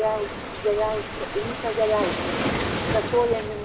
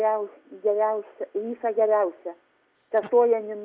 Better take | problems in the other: second | background sound (Waves, surf); 3 dB below the speech // room echo; dies away in 0.5 s

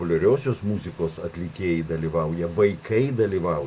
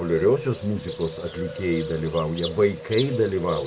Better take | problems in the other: first | background sound (Bird); 10 dB below the speech

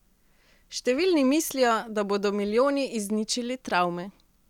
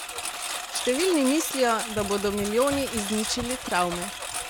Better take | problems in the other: first | background sound (Engine); 6 dB below the speech

